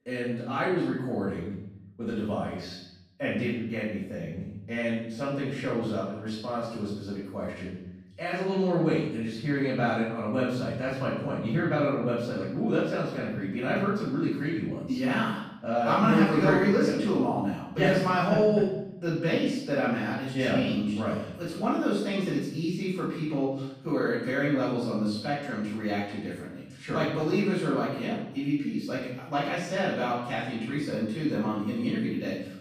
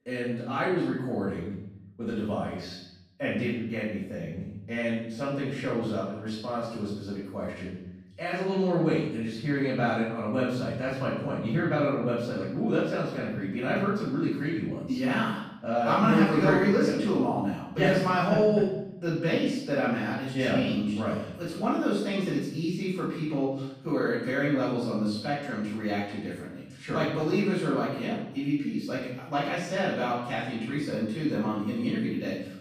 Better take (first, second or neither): neither